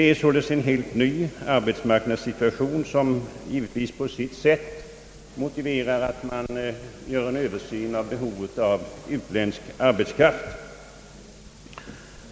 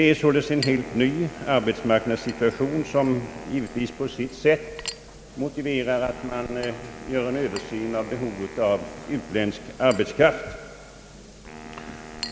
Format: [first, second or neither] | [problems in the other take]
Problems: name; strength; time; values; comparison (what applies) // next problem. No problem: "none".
first | background sound (Wind instrument, woodwind instrument + Chink, clink); 16 dB below the speech